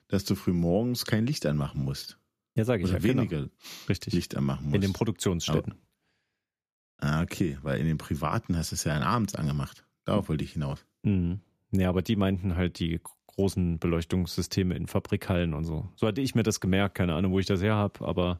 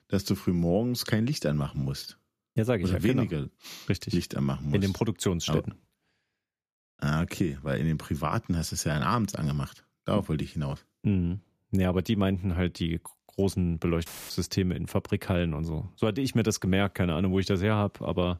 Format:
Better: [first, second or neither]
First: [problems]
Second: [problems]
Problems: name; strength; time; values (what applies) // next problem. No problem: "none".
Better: first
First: none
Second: audio cutting out; filled with static; at 14 s